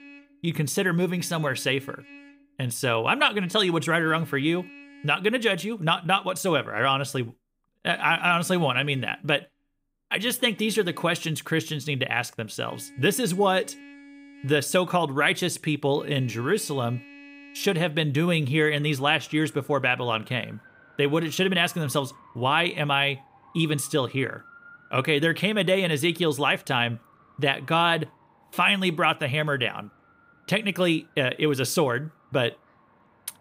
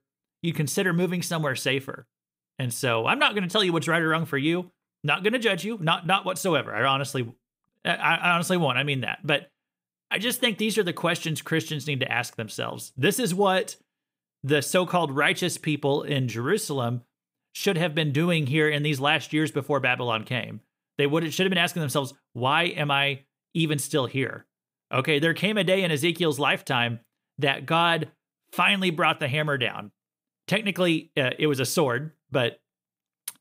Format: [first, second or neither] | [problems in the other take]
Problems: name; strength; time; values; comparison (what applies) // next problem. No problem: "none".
second | traffic noise; faint; throughout; 25 dB below the speech